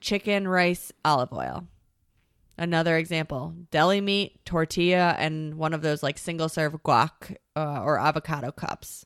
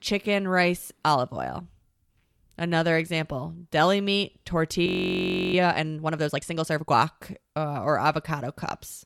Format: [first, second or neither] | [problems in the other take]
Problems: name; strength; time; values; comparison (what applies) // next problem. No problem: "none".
first | audio freezing; at 5 s for 0.5 s